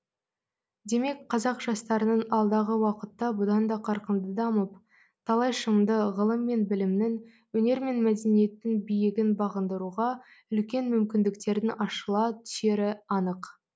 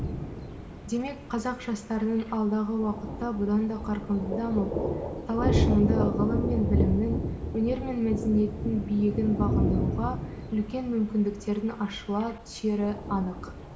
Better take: first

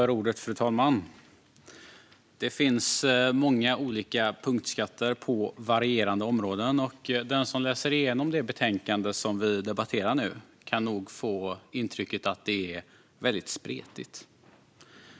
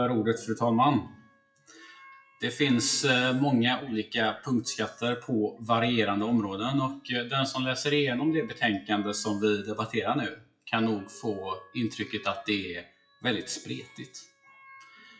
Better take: first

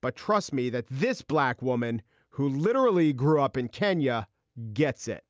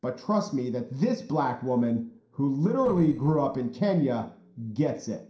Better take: first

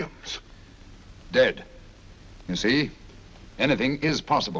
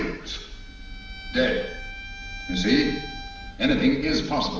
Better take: first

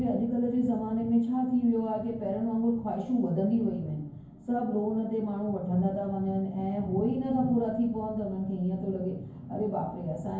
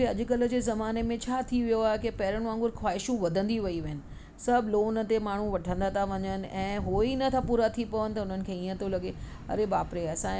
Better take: second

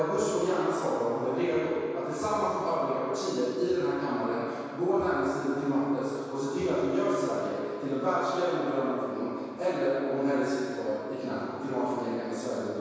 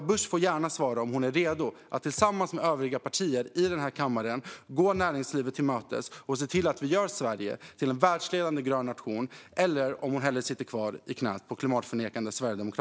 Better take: second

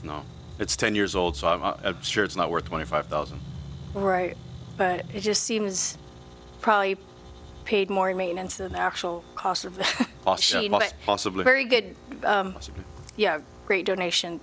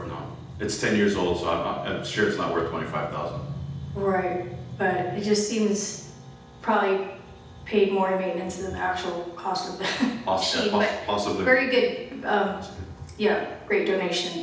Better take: first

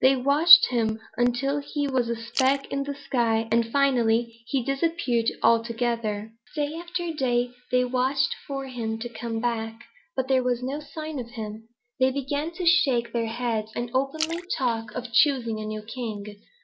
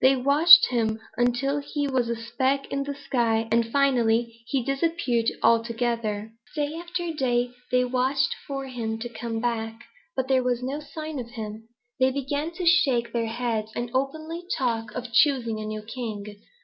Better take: second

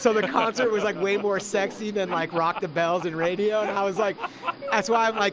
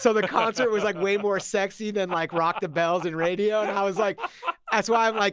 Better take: second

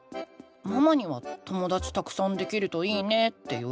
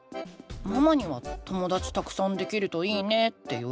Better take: first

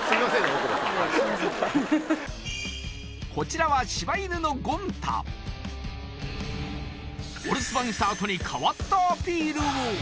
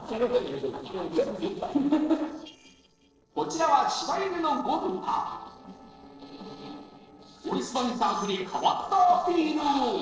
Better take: first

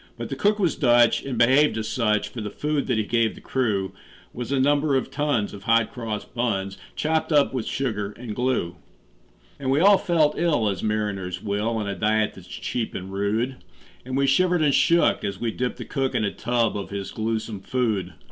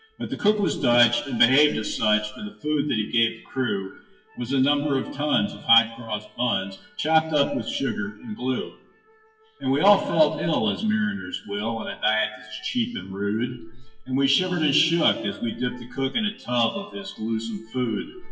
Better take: first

